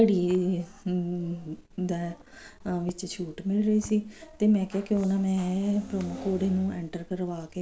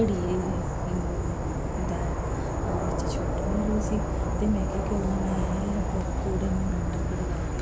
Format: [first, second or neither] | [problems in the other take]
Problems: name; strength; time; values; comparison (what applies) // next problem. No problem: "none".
first | background sound (Insect / Frog); 4 dB above the speech